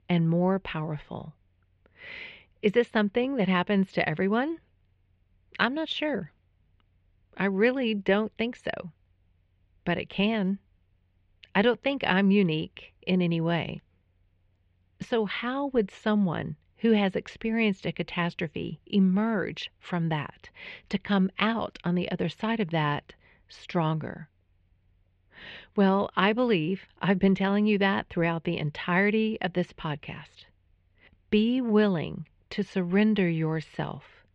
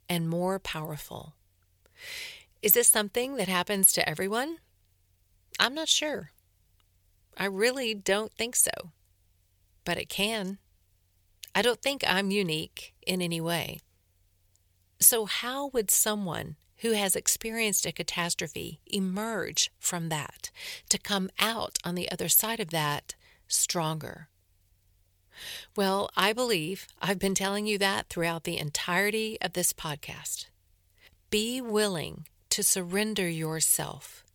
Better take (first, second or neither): second